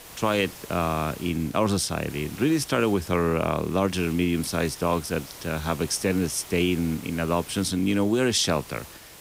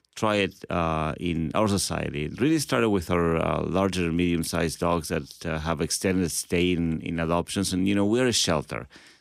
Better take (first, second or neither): second